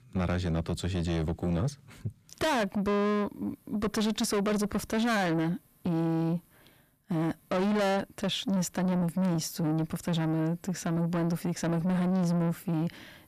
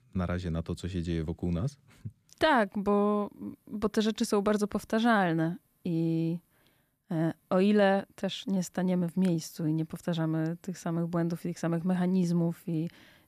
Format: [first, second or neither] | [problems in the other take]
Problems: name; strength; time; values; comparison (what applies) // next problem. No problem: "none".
second | distortion; heavy; 6 dB below the speech